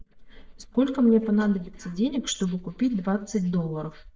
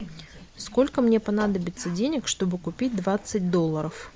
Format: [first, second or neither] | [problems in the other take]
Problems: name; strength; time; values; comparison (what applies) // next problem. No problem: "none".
second | noise reduction (neural mask model DeepFilterNet 3)